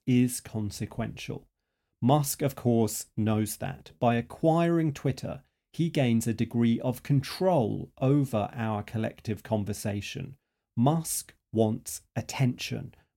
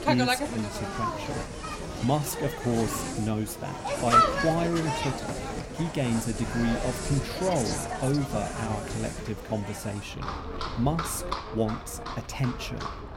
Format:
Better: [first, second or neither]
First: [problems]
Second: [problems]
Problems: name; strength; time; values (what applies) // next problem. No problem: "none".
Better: first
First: none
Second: animal sounds; loud; throughout; 1 dB below the speech